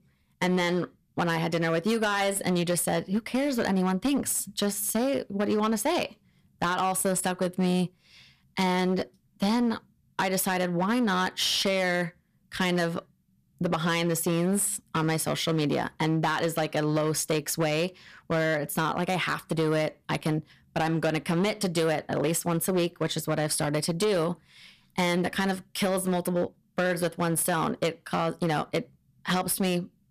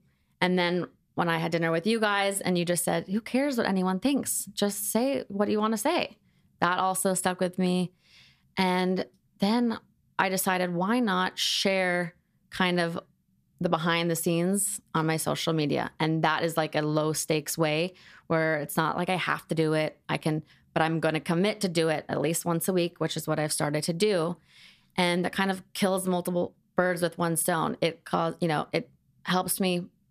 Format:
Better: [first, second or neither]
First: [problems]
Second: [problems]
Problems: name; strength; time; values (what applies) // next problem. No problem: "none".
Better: second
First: distortion; slight; 10% of the sound clipped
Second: none